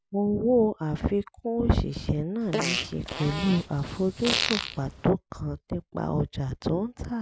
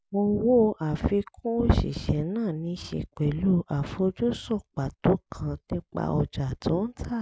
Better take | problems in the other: second | background sound (Fart); 5 dB below the speech

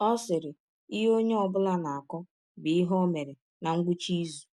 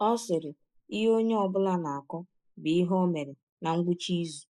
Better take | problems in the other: first | noise reduction (neural mask model Resemble Enhance denoiser)

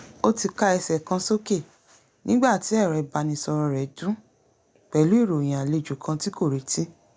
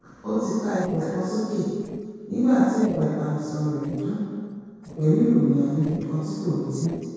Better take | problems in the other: first | noise reduction (neural separator model SepFormer DNS4)

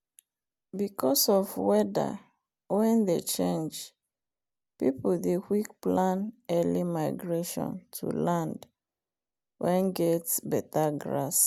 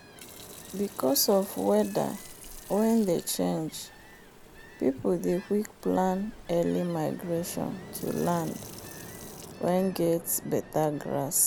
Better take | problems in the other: first | background sound (Fill (with liquid) / Sink (filling or washing) + Ocean); 17 dB below the speech

